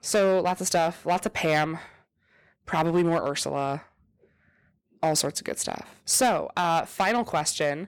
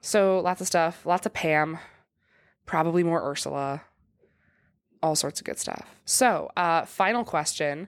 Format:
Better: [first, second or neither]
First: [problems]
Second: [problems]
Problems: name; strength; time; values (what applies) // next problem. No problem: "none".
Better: second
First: distortion; slight; 5% of the sound clipped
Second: none